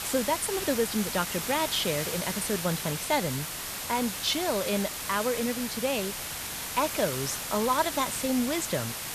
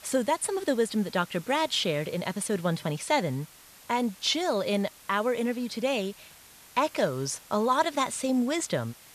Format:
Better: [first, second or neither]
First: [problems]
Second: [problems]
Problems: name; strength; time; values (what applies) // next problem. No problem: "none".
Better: second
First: hiss; loud; throughout; 3 dB below the speech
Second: hiss; faint; throughout; 20 dB below the speech